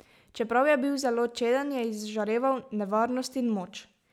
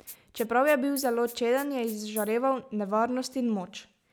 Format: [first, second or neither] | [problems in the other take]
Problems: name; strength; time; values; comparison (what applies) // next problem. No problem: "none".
first | background sound (Rattle (instrument)); 19 dB below the speech